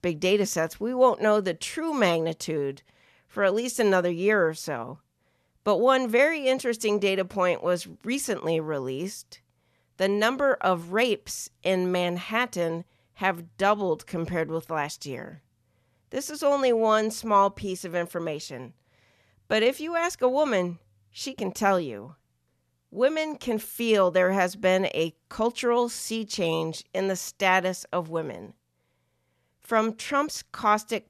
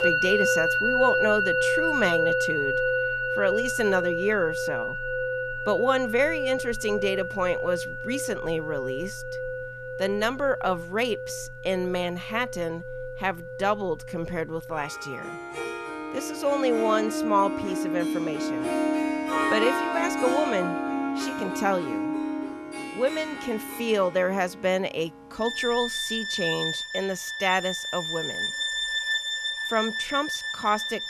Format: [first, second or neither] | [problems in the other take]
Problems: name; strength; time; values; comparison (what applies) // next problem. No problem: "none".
first | background music; loud; throughout; as loud as the speech